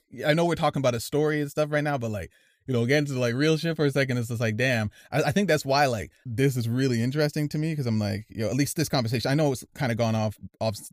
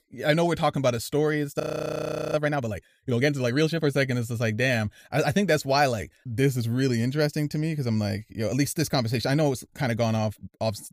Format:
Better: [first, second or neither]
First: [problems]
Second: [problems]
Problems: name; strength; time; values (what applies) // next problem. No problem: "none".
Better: first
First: none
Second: audio freezing; at 1.5 s for 0.5 s